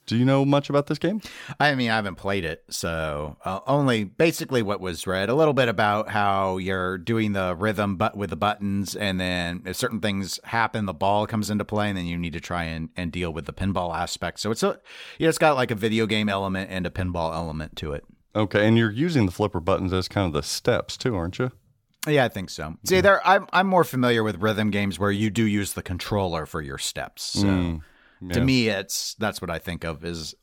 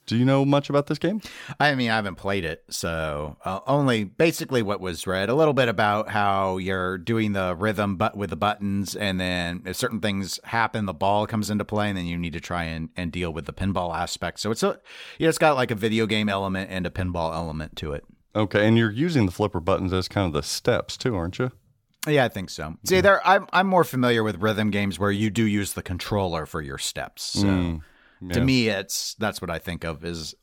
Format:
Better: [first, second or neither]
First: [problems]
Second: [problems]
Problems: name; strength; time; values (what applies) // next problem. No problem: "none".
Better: neither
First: none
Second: none